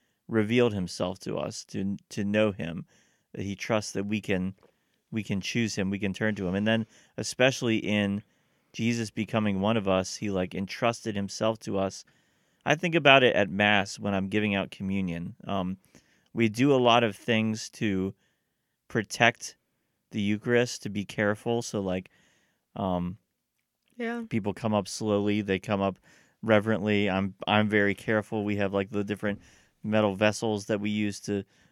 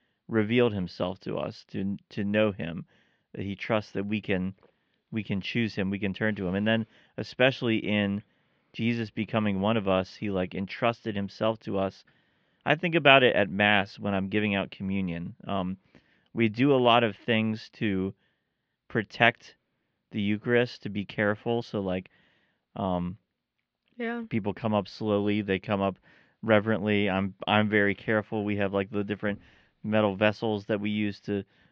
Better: first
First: none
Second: muffled; slightly; fading above 4 kHz

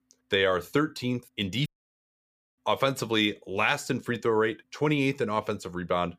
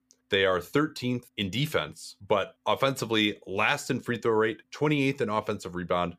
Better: second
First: audio cutting out; at 1.5 s for 1 s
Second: none

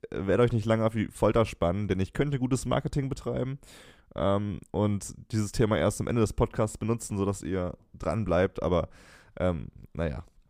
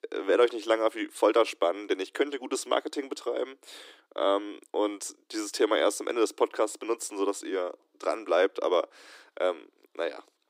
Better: first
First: none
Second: thin; very; fading below 300 Hz

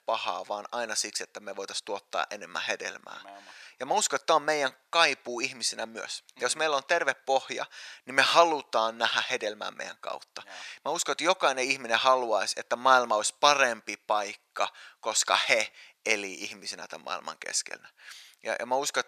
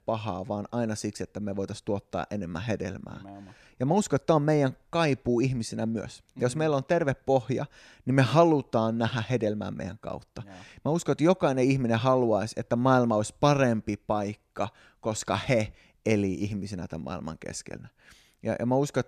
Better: second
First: thin; very; fading below 1 kHz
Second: none

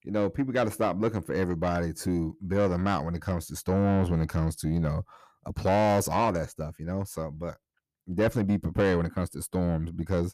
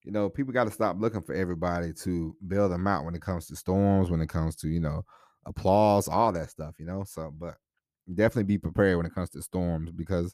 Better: second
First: distortion; slight; 10 dB below the speech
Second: none

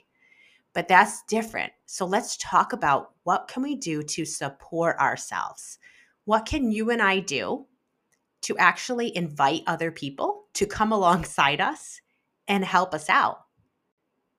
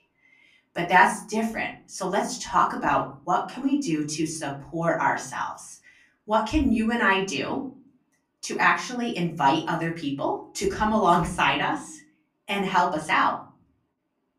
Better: first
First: none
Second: off-mic speech; far // room echo; slight; dies away in 0.4 s

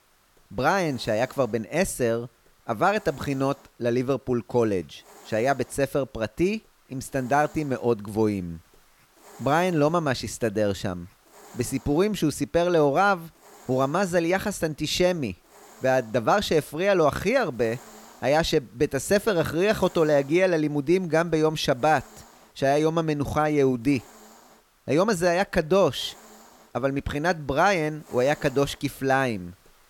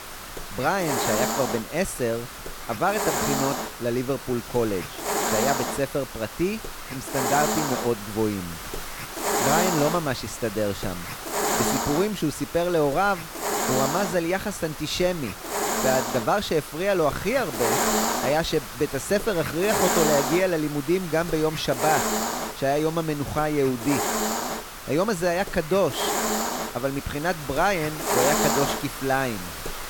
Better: first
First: hiss; faint; throughout; 30 dB below the speech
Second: hiss; loud; throughout; 2 dB below the speech

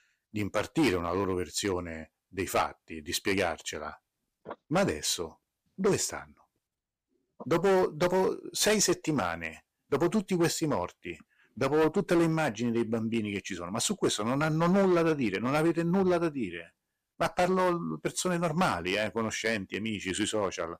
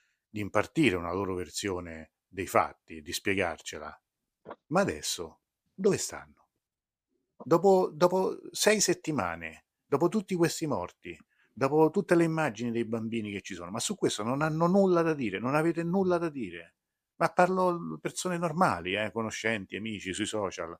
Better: second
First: distortion; heavy; 6% of the sound clipped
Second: none

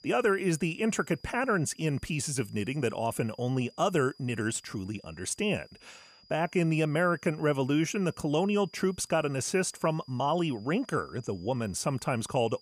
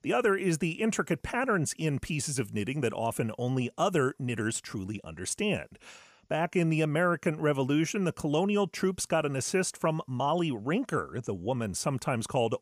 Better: second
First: high-pitched whine; faint; throughout; 5 kHz, 25 dB below the speech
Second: none

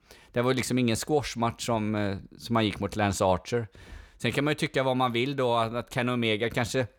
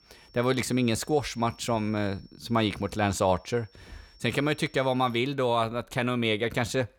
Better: first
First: none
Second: high-pitched whine; faint; until 5 s; 5.5 kHz, 30 dB below the speech

